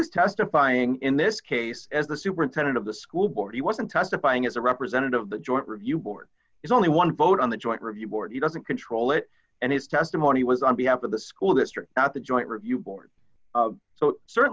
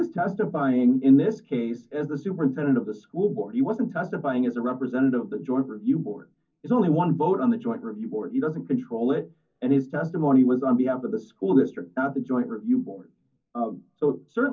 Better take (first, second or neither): first